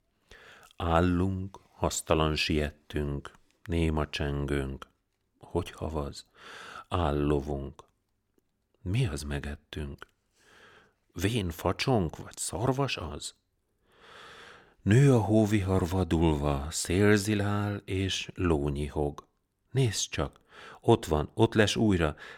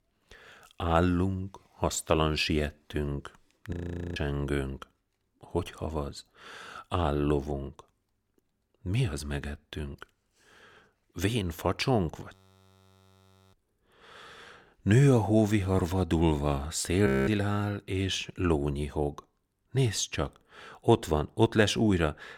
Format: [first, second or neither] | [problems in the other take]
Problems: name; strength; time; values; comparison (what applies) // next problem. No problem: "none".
first | audio freezing; at 3.5 s, at 12 s for 1 s and at 17 s